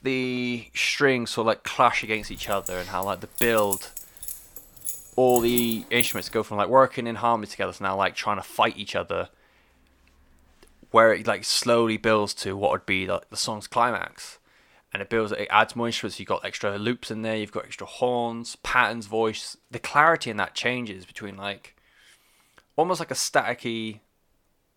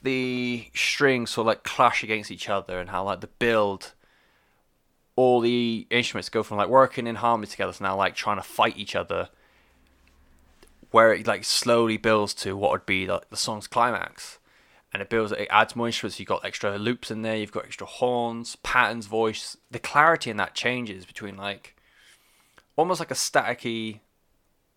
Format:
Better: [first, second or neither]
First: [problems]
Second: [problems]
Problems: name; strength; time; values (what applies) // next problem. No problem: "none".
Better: second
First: jangling keys; noticeable; from 2 to 6 s; peak 2 dB below the speech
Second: none